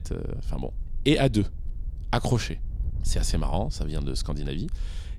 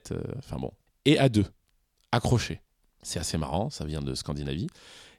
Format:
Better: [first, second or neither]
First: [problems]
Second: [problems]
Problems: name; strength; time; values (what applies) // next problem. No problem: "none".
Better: second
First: wind noise on the microphone; occasional gusts; 25 dB below the speech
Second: none